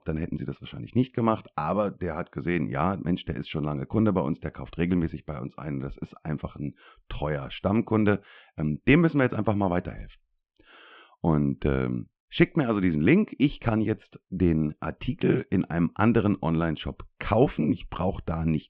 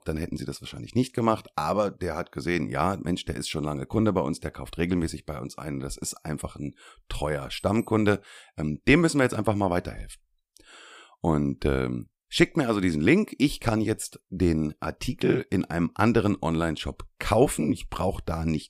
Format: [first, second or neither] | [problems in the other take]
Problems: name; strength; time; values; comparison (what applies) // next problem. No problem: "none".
second | muffled; very; fading above 3 kHz